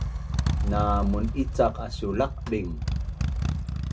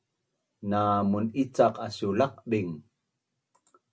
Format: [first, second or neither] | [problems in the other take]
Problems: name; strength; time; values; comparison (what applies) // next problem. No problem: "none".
second | background sound (Motorcycle); 2 dB above the speech